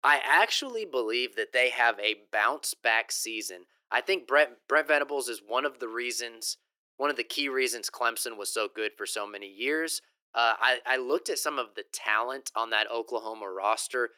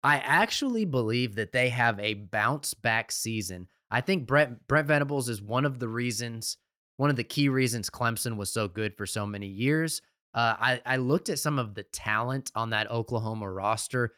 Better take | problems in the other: second | thin; very; fading below 350 Hz

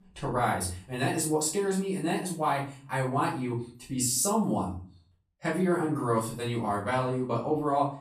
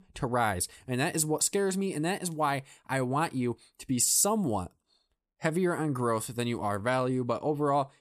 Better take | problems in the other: second | off-mic speech; far // room echo; slight; dies away in 0.4 s

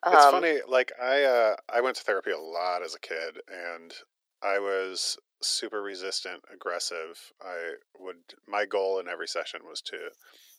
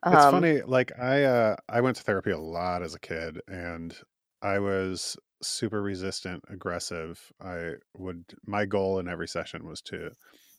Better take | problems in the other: second | thin; very; fading below 400 Hz

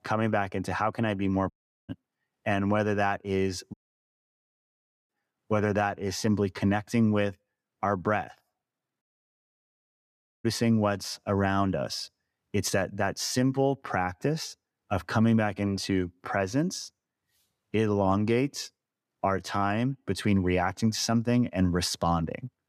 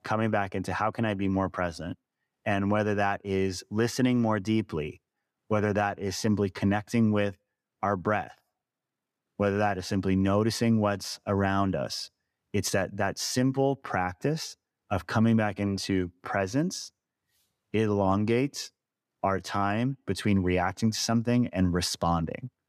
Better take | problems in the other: second | audio cutting out; at 1.5 s, at 3.5 s for 1.5 s and at 9 s for 1.5 s

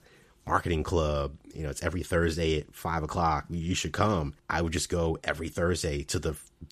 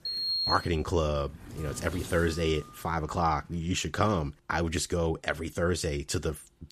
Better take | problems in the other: first | door banging; loud; until 2.5 s; peak 3 dB above the speech

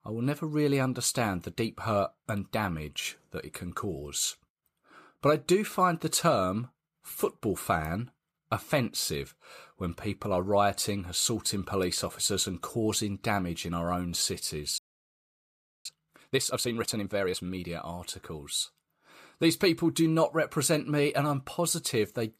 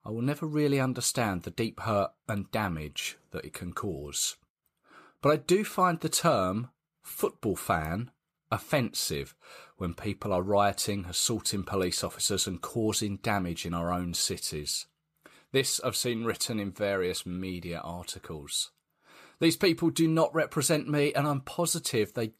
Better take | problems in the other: second | audio freezing; at 15 s for 1 s

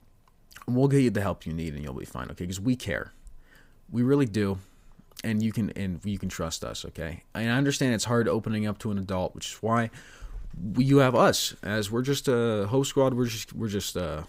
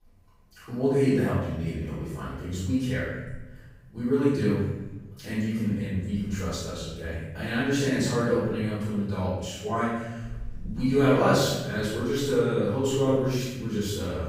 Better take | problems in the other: first | off-mic speech; far // room echo; strong; dies away in 1.1 s

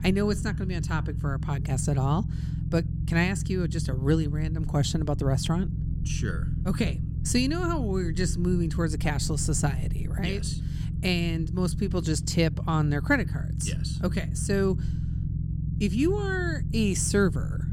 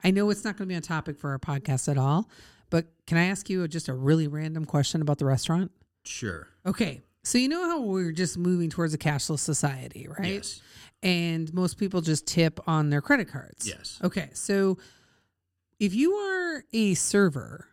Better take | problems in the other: second | low rumble; noticeable; throughout; 10 dB below the speech

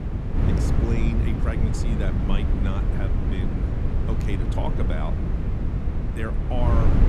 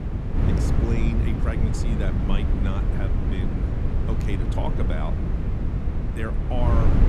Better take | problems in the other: neither | wind noise on the microphone; heavy; as loud as the speech; the same in both

